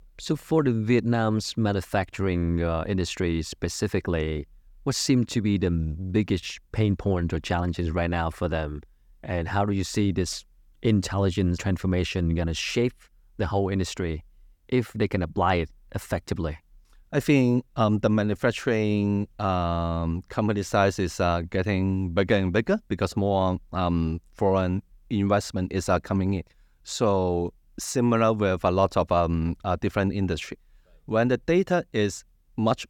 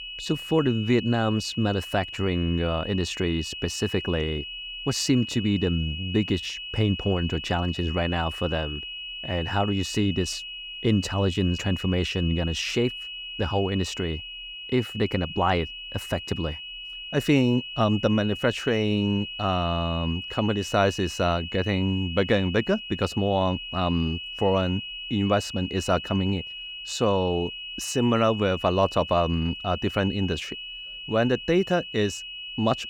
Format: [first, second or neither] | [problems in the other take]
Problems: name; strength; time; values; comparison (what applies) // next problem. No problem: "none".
first | high-pitched whine; loud; throughout; 3 kHz, 8 dB below the speech